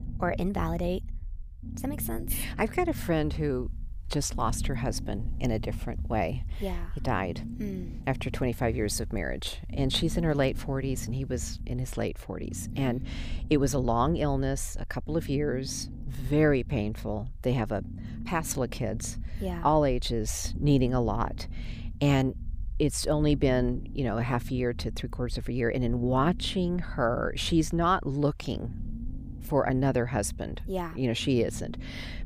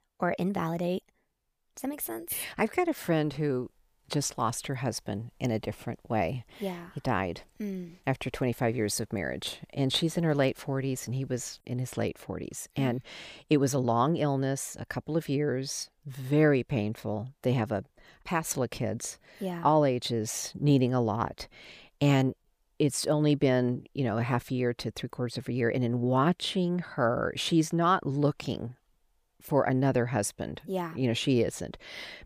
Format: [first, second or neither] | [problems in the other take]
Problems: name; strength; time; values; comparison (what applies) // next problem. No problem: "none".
second | low rumble; noticeable; throughout; 20 dB below the speech